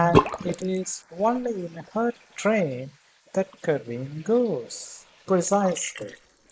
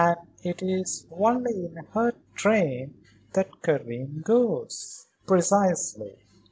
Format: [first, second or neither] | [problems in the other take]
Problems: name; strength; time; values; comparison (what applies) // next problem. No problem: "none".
second | noise reduction (neural mask model Resemble Enhance denoiser)